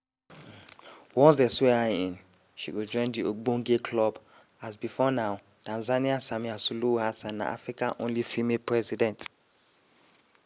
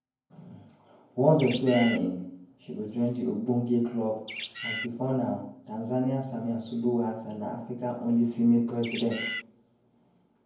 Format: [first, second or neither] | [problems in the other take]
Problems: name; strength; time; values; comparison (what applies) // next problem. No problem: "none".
first | background sound (Bird); 7 dB below the speech // room echo; dies away in 0.9 s